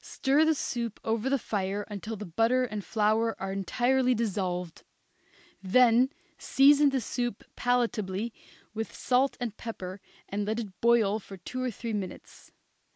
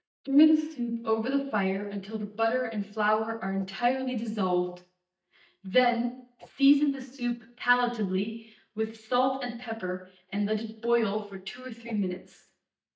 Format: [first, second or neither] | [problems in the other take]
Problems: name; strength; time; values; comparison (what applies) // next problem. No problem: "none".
first | noise reduction (neural mask model DeepFilterNet 3)